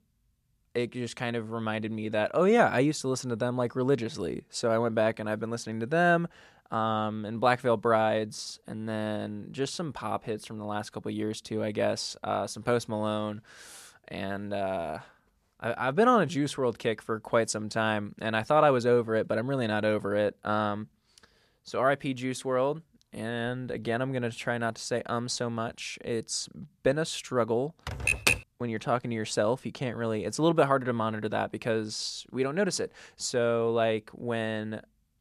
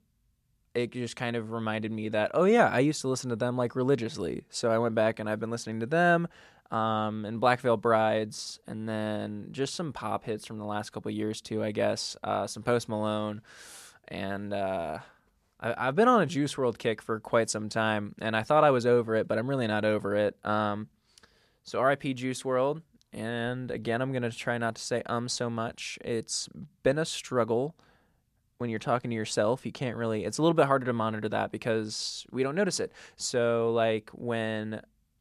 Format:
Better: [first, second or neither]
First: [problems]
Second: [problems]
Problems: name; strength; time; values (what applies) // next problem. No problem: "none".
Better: second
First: keyboard typing; loud; at 28 s; peak 5 dB above the speech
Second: none